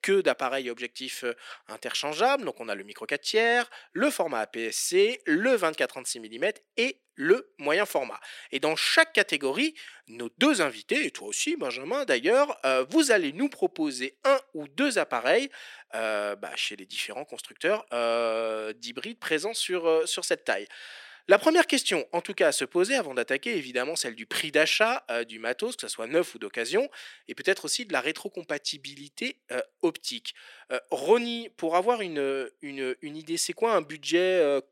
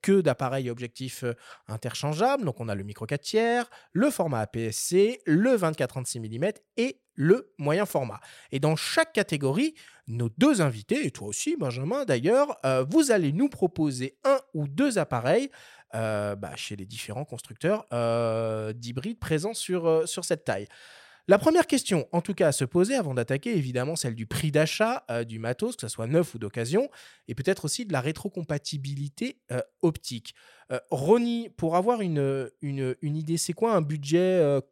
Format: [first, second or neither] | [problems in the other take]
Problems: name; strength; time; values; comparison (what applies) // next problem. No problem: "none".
second | thin; somewhat; fading below 250 Hz